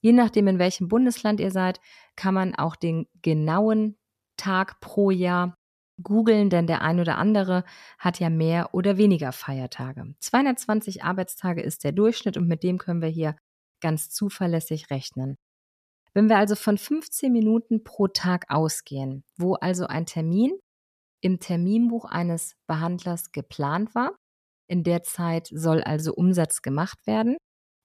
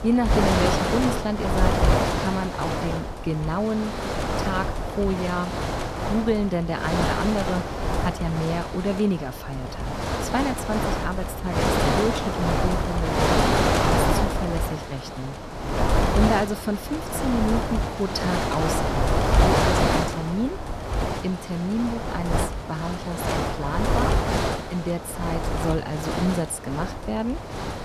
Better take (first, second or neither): first